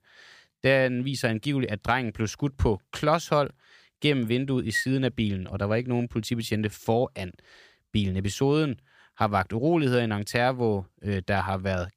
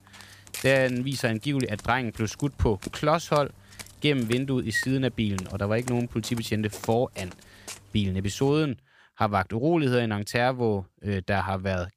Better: first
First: none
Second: footsteps; faint; until 8.5 s; peak 10 dB below the speech

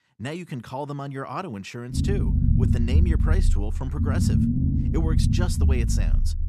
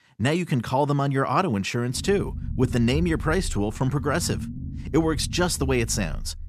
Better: second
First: low rumble; loud; from 2 s on; 1 dB below the speech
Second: low rumble; faint; from 2 s on; 20 dB below the speech

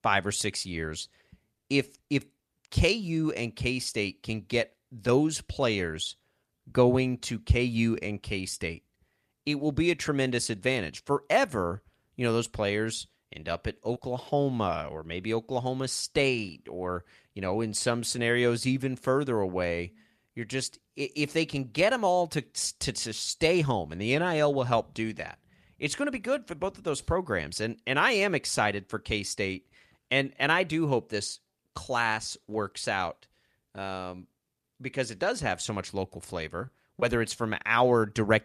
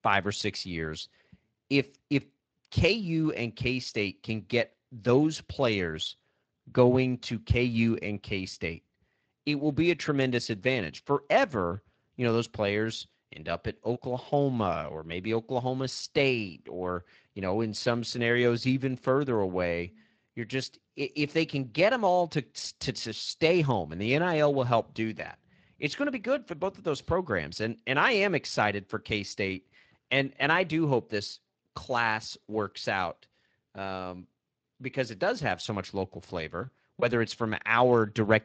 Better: first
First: none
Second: garbled, watery; slightly; nothing above 8 kHz

